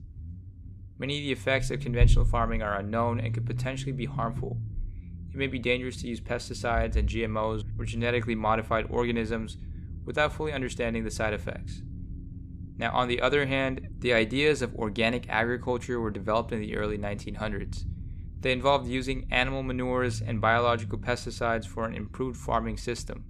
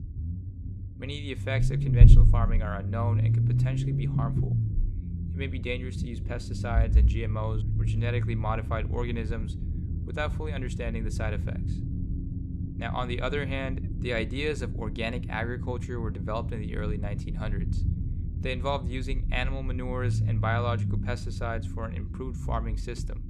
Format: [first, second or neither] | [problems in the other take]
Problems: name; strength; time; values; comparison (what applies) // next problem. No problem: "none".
first | low rumble; loud; throughout; 8 dB below the speech; faint in the first